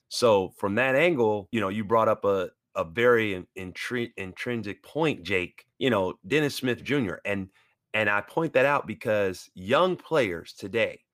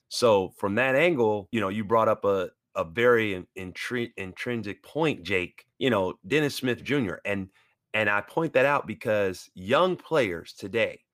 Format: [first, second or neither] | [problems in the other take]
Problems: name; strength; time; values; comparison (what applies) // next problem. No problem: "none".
neither | none